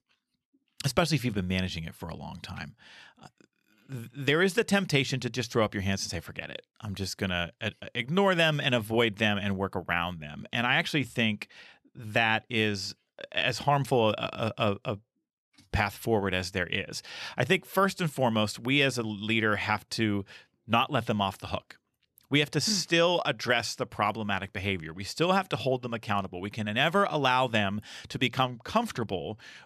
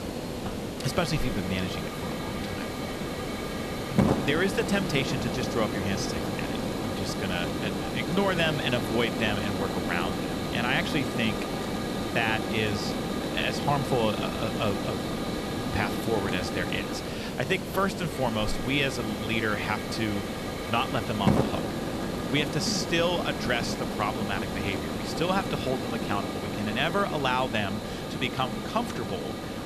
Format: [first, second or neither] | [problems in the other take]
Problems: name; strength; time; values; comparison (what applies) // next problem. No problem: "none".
first | hiss; loud; throughout; 1 dB below the speech